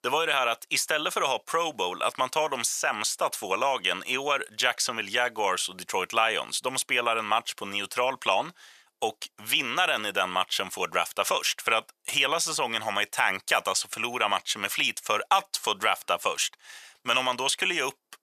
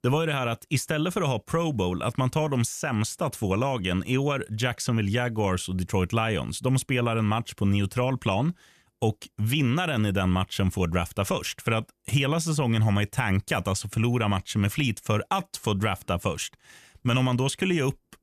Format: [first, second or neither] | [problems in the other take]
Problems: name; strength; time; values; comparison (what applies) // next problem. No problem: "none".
second | thin; very; fading below 750 Hz